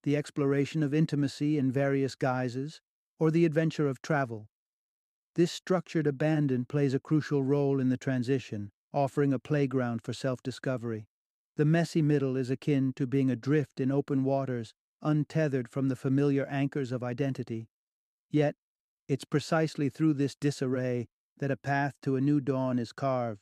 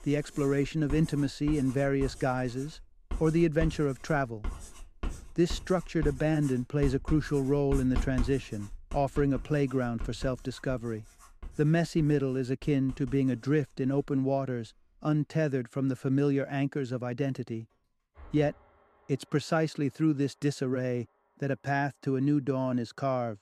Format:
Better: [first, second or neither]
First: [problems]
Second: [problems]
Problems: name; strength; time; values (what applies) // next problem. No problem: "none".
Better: first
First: none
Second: household noises; noticeable; throughout; 15 dB below the speech